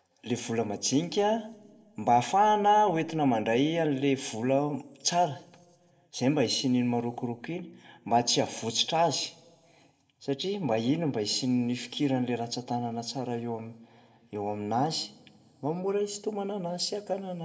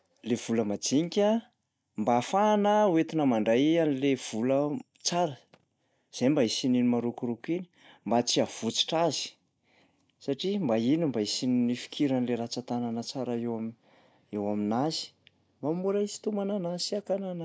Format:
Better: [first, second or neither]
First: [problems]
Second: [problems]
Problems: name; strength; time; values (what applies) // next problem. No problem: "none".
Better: second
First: room echo; dies away in 0.5 s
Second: none